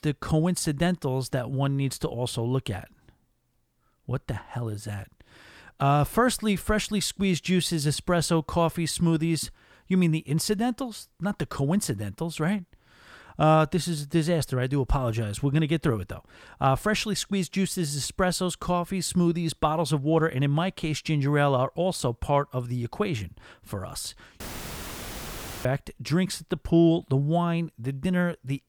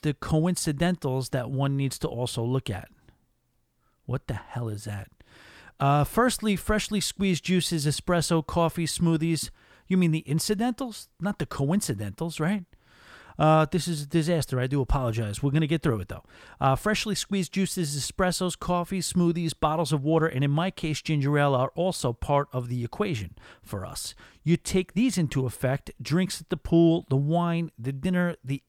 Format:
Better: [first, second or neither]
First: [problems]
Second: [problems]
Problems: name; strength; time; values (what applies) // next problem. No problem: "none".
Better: second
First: audio cutting out; filled with static; at 24 s for 1.5 s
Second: none